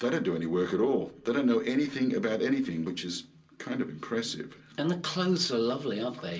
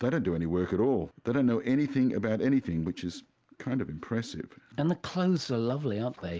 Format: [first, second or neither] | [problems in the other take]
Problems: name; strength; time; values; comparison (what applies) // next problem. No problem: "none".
second | room echo; dies away in 0.2 s